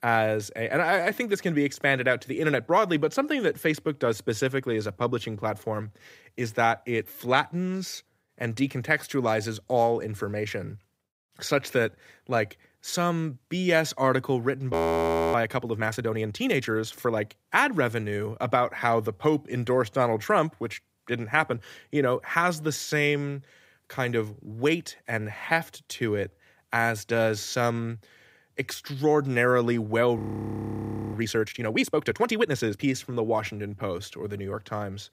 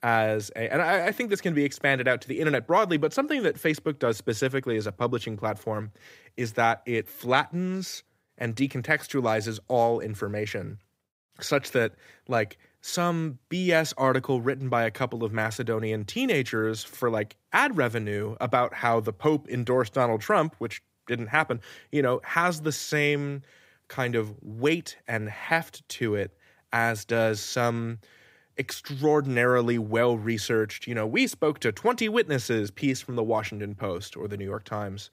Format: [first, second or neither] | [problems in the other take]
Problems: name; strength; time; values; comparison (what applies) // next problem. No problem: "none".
second | audio freezing; at 15 s for 0.5 s and at 30 s for 1 s